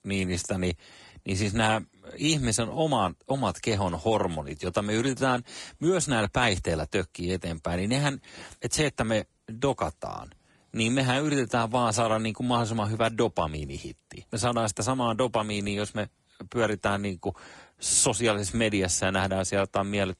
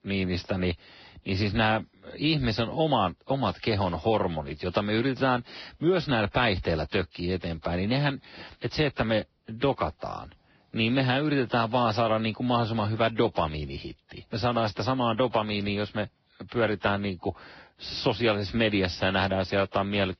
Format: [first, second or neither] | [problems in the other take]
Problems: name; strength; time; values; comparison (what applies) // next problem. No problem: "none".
first | garbled, watery; badly; nothing above 5.5 kHz; slightly in the first